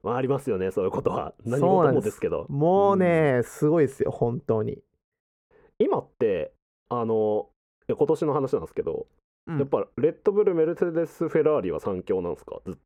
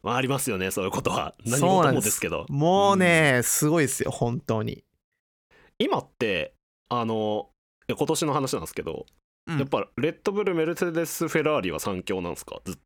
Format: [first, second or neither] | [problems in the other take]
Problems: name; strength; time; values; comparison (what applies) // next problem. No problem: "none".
second | muffled; very; fading above 2 kHz